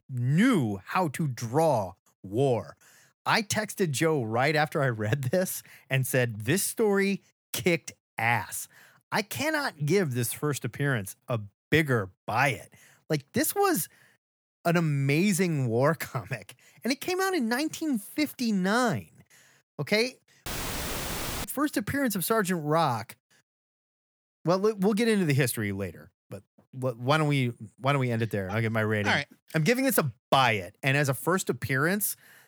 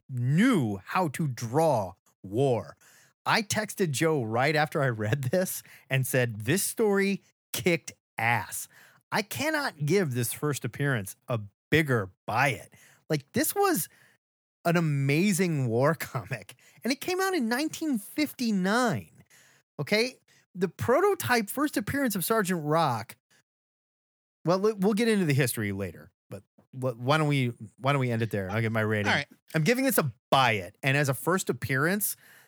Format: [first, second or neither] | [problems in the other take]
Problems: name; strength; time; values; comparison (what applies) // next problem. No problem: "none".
second | audio cutting out; filled with static; at 20 s for 1 s